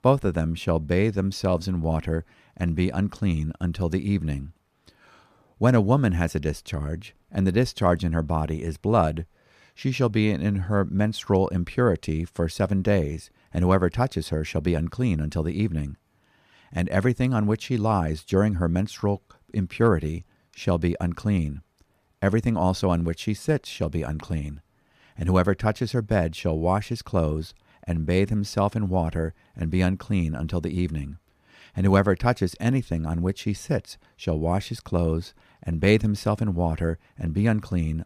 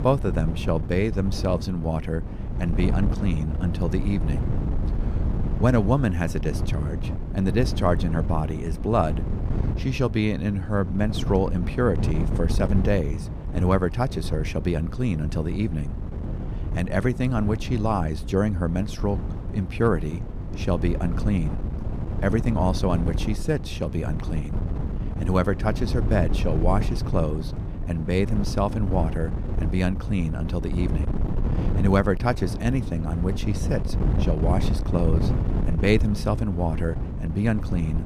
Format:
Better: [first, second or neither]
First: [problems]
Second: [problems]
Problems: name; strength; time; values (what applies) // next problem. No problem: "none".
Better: first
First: none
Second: wind noise on the microphone; heavy; 10 dB below the speech